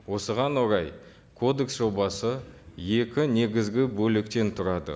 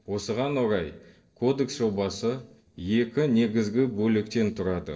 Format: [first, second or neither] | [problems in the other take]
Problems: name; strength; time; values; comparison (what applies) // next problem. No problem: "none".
first | noise reduction (neural separator model SepFormer DNS4)